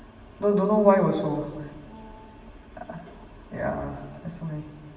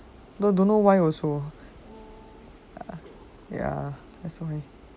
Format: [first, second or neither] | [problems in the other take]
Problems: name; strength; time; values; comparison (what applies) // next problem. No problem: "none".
second | room echo; dies away in 1.4 s